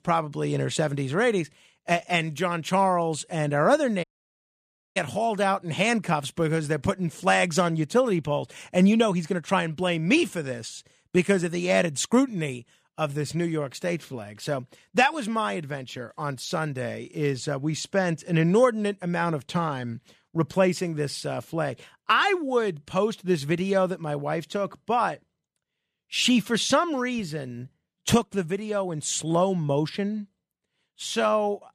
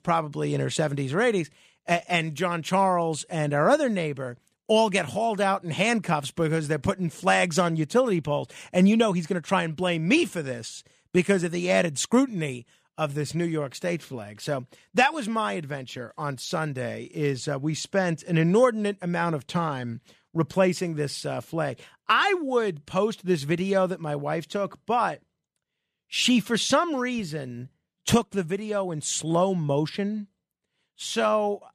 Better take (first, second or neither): second